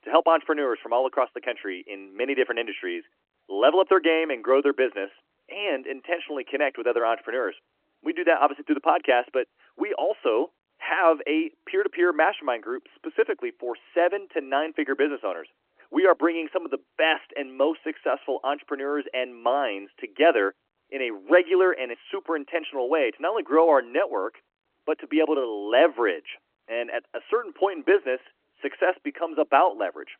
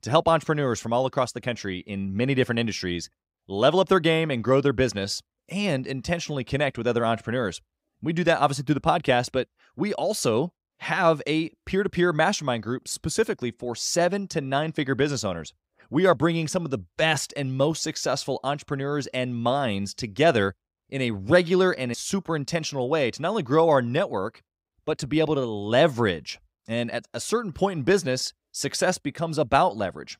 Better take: second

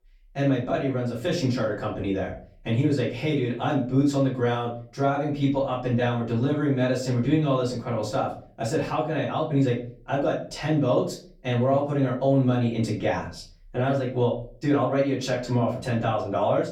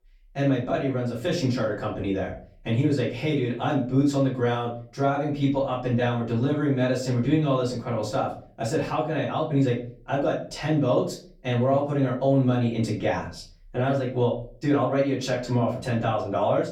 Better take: neither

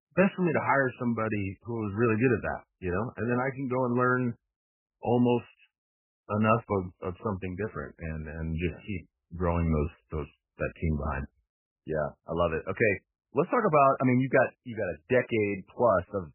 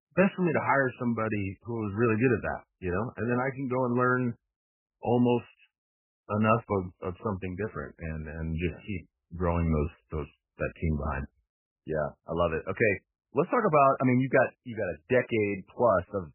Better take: neither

